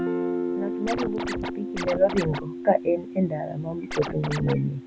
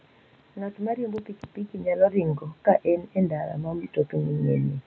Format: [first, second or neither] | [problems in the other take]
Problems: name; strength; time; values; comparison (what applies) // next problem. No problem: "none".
second | background sound (Scratching (performance technique) + Guitar); 4 dB below the speech